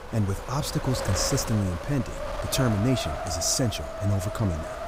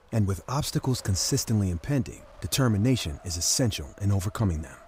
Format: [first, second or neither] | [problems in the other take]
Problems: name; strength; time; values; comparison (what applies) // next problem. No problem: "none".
second | wind noise on the microphone; heavy; 2 dB below the speech; occasional gusts in the second